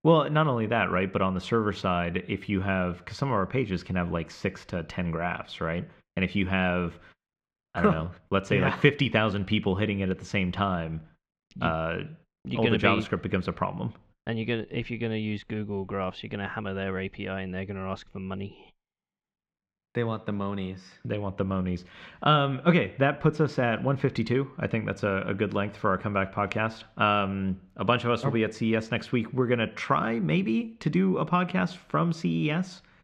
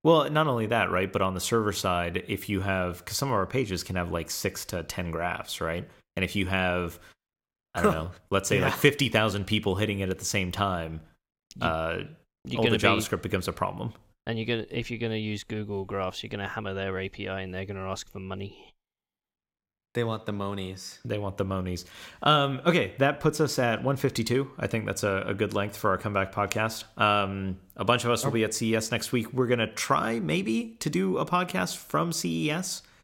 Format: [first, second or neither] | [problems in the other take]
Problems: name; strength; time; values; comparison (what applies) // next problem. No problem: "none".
second | muffled; slightly; fading above 2.5 kHz